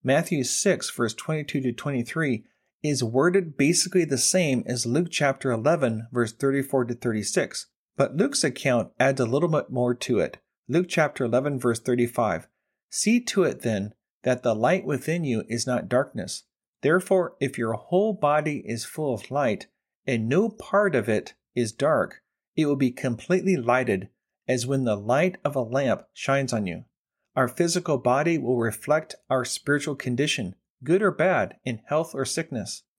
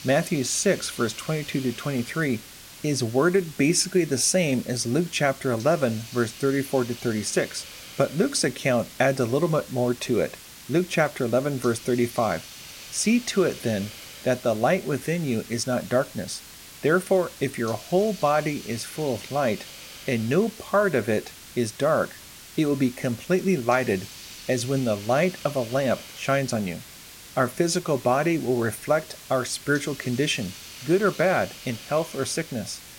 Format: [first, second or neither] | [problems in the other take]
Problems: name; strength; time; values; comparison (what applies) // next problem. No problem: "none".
first | hiss; noticeable; throughout; 15 dB below the speech